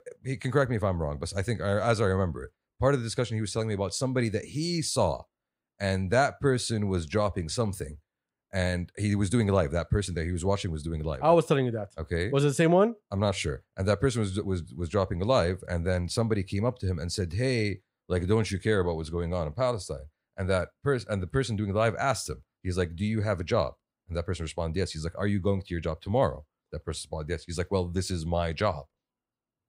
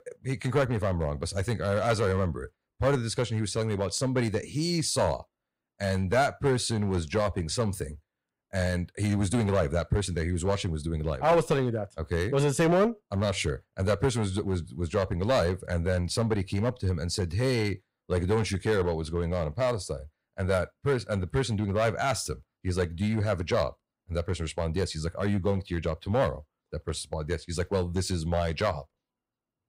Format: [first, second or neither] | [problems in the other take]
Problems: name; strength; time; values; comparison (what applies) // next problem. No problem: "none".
first | distortion; slight; 4% of the sound clipped